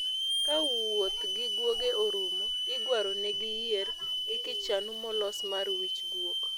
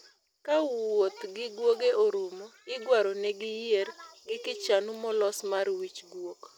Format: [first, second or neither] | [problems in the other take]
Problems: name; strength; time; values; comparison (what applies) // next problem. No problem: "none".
second | background sound (Hiss / Alarm); 2 dB above the speech